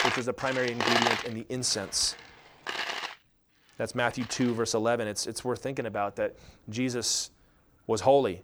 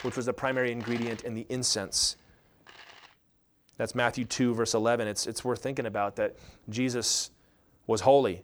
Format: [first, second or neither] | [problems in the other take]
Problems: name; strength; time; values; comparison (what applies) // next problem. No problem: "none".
second | household noises; loud; throughout; 2 dB below the speech; faint in the second